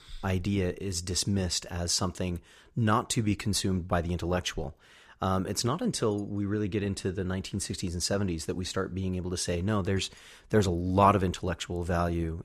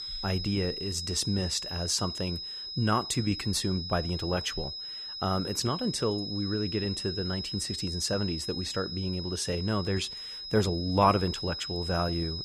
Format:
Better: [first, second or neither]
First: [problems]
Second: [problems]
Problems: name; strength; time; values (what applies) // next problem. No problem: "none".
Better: first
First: none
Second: high-pitched whine; loud; throughout; 5 kHz, 5 dB below the speech